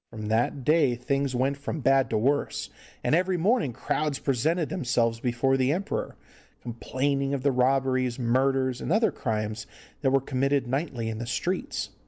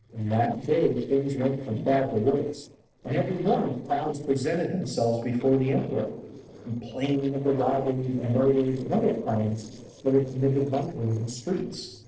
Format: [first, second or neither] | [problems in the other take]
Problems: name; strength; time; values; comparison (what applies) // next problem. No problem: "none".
first | noise reduction (neural separator model SepFormer DNS4)